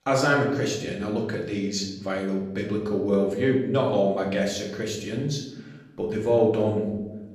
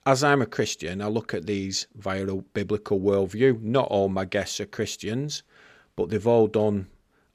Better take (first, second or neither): second